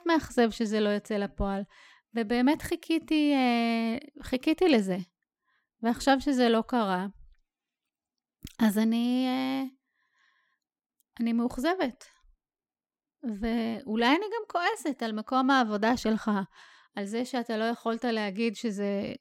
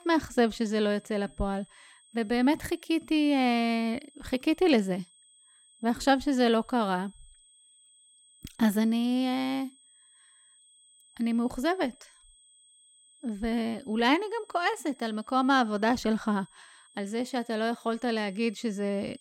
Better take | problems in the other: first | high-pitched whine; faint; throughout; 8 kHz, 30 dB below the speech

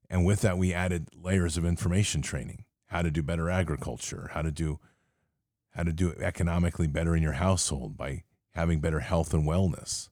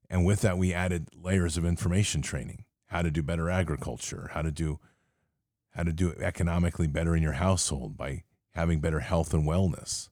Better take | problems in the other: neither | none

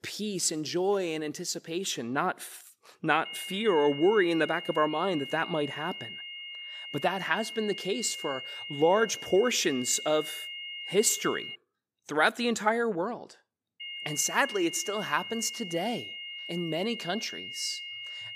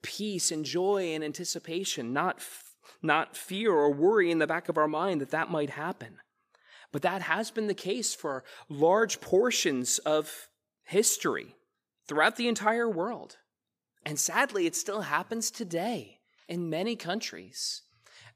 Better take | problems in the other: second | high-pitched whine; loud; from 3.5 to 12 s and from 14 s on; 3 kHz, 9 dB below the speech

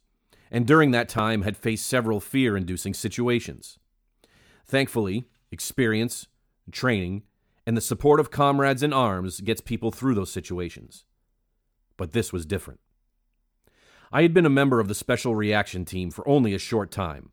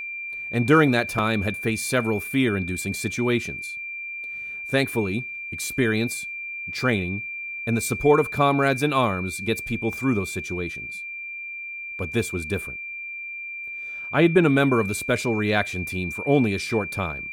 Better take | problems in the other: first | high-pitched whine; loud; throughout; 2.5 kHz, 7 dB below the speech

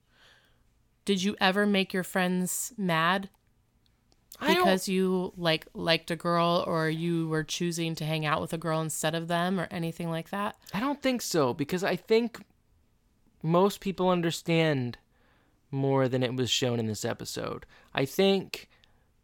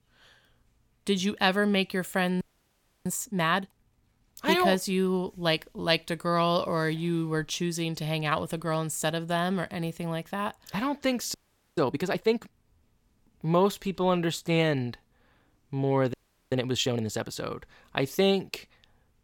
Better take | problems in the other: first | audio freezing; at 2.5 s for 0.5 s, at 11 s and at 16 s

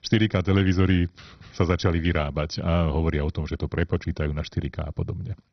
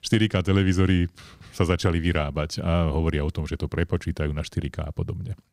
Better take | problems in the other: second | garbled, watery; badly; nothing above 6 kHz

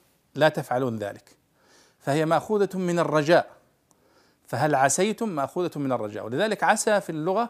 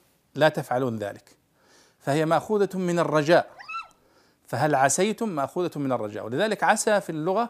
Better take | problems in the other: first | dog barking; faint; at 3.5 s; peak 10 dB below the speech

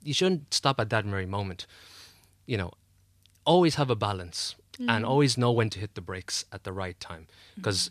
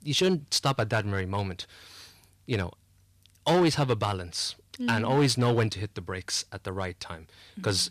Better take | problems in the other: first | distortion; slight; 4% of the sound clipped

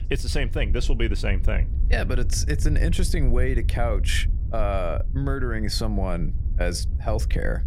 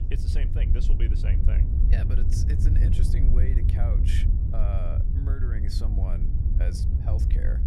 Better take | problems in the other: first | wind noise on the microphone; heavy; as loud as the speech; occasional gusts in the first

